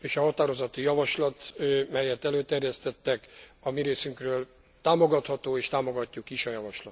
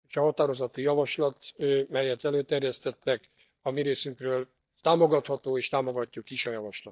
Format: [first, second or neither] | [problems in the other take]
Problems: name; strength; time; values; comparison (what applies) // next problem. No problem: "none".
first | noise reduction (neural mask model DeepFilterNet 3)